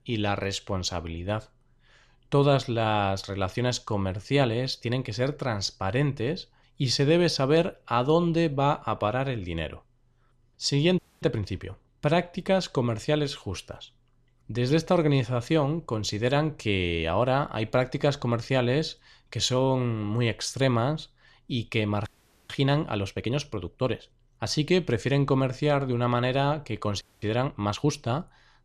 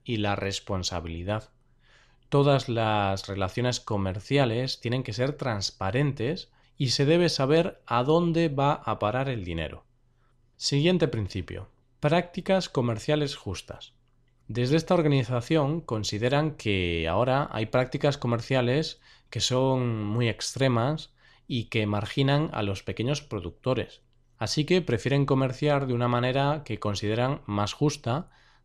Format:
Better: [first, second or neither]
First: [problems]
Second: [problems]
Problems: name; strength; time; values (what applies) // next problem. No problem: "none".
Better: second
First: audio freezing; at 11 s, at 22 s and at 27 s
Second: none